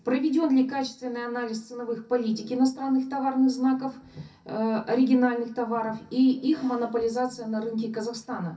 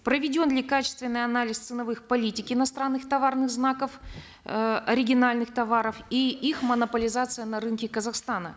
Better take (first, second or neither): second